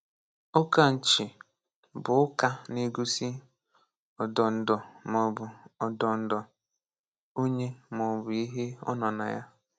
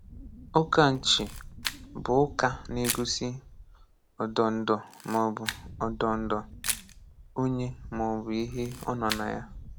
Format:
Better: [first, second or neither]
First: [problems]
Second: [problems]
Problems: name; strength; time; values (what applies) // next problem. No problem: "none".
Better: first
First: none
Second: background sound (Wind + Camera); 11 dB below the speech